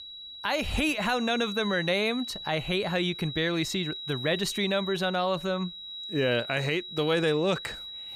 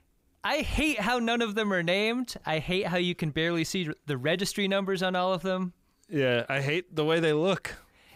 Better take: second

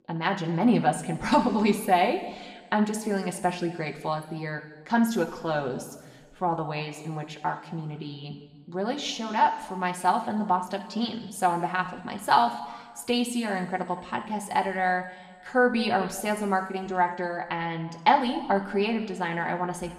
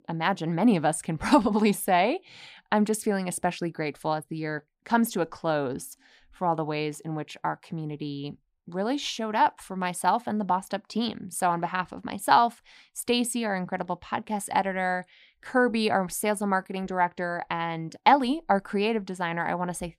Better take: second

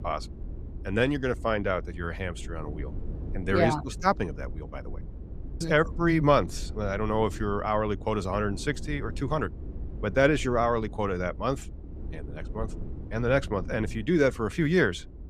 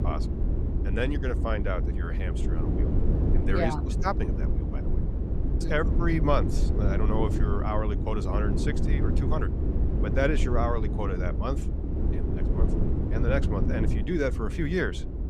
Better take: first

